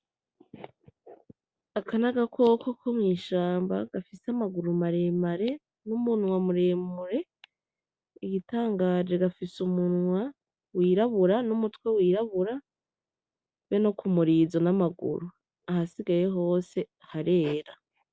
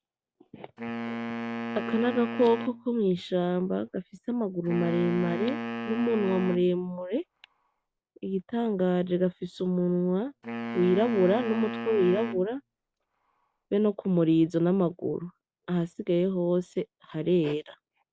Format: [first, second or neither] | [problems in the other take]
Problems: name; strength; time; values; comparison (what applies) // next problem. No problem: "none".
first | background sound (Wind instrument, woodwind instrument); 8 dB below the speech